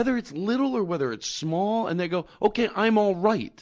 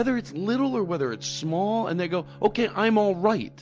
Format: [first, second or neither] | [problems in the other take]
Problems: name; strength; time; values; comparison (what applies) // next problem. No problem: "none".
first | background sound (Bowed string instrument); 19 dB below the speech